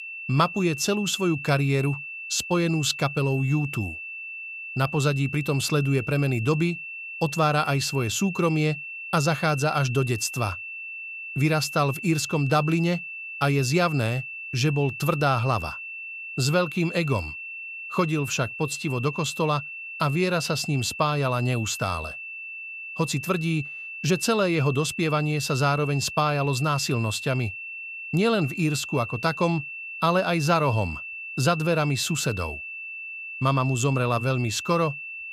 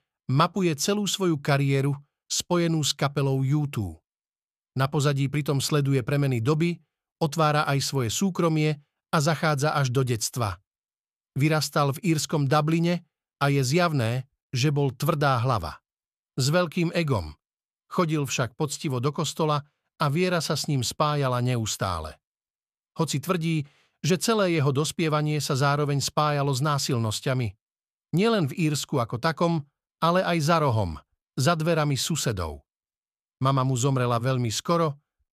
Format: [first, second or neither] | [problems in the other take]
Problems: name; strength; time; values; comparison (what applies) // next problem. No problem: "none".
second | high-pitched whine; loud; throughout; 2.5 kHz, 9 dB below the speech